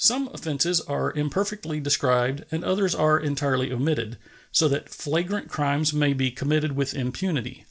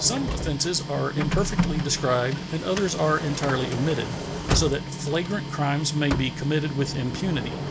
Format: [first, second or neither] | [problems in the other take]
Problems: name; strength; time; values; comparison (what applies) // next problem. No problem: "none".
first | background sound (Printer + Sliding door / Motor vehicle (road)); 3 dB below the speech